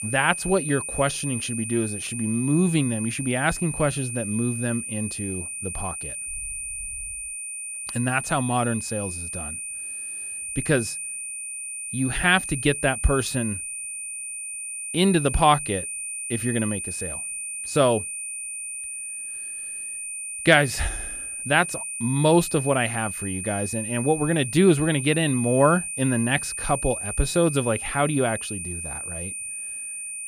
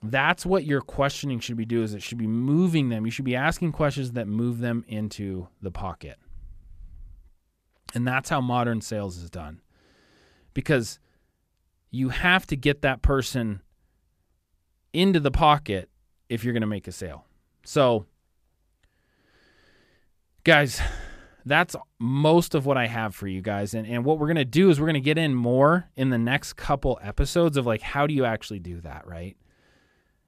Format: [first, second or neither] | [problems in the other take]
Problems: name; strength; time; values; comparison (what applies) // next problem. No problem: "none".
second | high-pitched whine; loud; throughout; 9 kHz, 6 dB below the speech